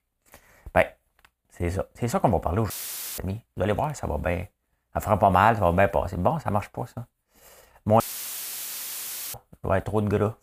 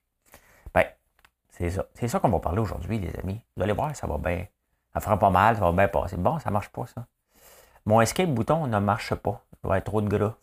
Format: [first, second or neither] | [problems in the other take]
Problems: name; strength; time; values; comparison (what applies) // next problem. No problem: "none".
second | audio cutting out; filled with static; at 2.5 s and at 8 s for 1.5 s